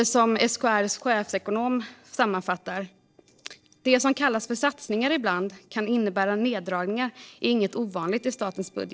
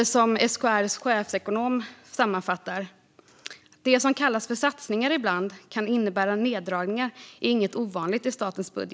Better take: second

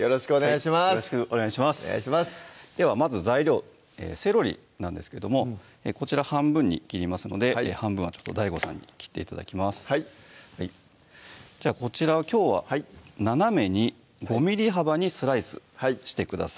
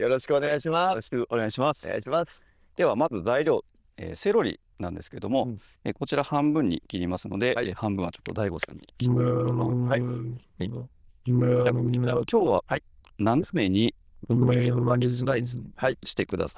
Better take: first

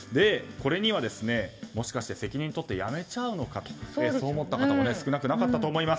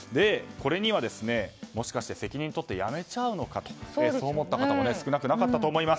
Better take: second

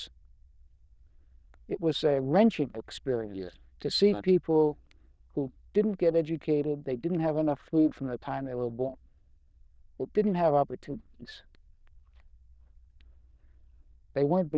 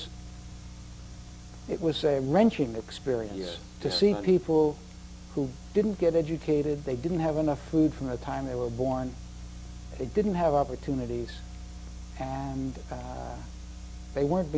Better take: second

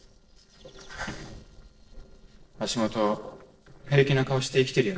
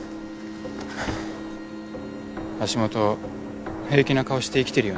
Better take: second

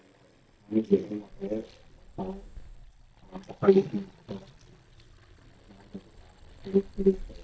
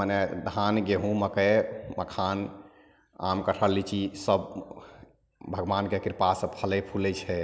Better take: second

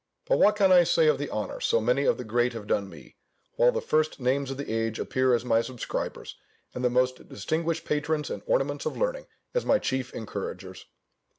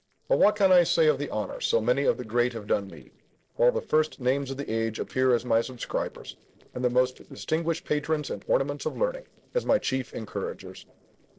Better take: first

